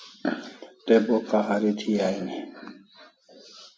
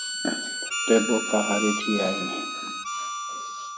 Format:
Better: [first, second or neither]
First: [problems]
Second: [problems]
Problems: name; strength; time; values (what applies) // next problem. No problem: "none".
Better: first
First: none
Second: background sound (Harmonica); 3 dB below the speech